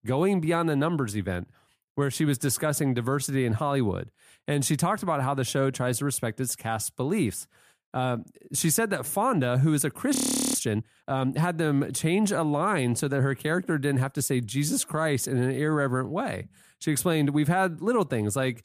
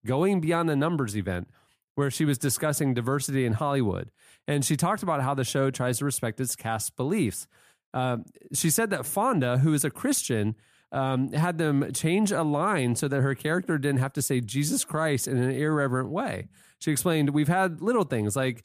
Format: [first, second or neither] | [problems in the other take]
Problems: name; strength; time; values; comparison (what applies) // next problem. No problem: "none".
second | audio freezing; at 10 s